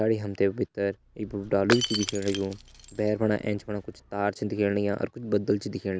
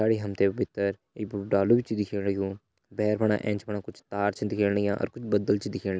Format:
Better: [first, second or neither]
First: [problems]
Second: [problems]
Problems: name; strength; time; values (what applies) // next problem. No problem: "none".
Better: second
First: background sound (Shatter / Crushing); 9 dB below the speech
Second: none